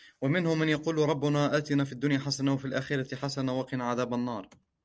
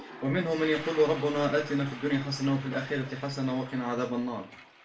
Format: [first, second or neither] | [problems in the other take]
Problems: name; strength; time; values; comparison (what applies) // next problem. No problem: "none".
first | background sound (Toilet flush); 15 dB below the speech // room echo; dies away in 0.3 s